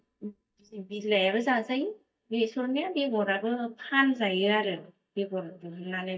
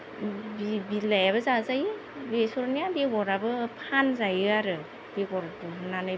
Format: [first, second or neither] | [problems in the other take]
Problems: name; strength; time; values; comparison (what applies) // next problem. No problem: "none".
second | noise reduction (neural mask model DeepFilterNet 3)